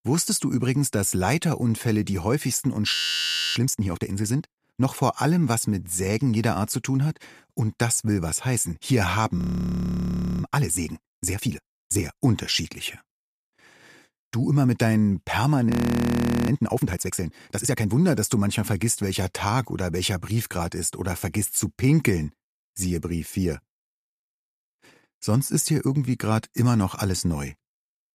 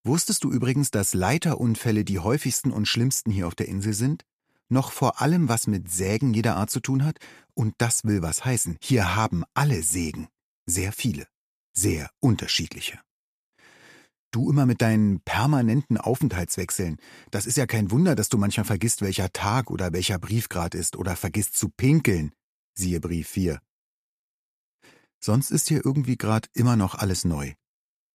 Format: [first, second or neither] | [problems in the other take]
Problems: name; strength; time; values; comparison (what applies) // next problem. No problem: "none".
second | audio freezing; at 3 s for 0.5 s, at 9.5 s for 1 s and at 16 s for 1 s